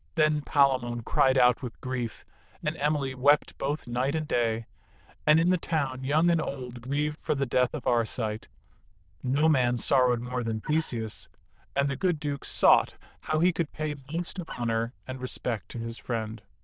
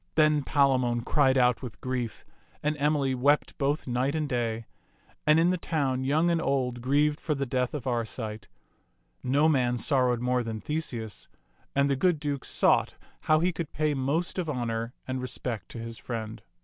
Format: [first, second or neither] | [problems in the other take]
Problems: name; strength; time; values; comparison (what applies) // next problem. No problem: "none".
second | noise reduction (neural diffusion model UNIVERSE++)